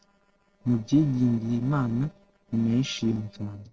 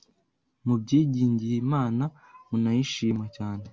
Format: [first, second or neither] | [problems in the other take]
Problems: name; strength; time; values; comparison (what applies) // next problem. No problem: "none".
second | noise reduction (neural separator model SepFormer DNS4)